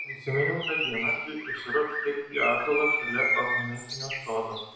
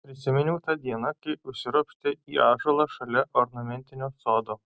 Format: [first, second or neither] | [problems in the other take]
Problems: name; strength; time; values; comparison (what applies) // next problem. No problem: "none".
second | background sound (Bird); as loud as the speech // room echo; dies away in 0.6 s